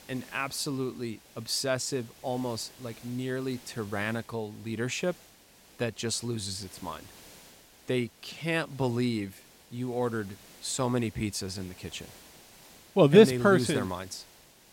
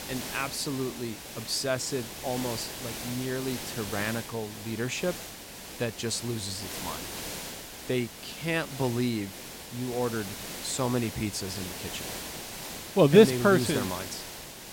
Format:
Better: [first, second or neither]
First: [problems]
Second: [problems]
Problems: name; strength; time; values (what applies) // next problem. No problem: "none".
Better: first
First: hiss; faint; throughout; 20 dB below the speech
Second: hiss; loud; throughout; 9 dB below the speech